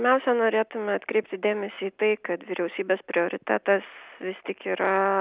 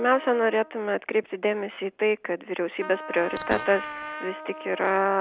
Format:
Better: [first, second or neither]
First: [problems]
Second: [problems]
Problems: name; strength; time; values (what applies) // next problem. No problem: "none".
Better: first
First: none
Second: background sound (Fart + Trumpet); 13 dB below the speech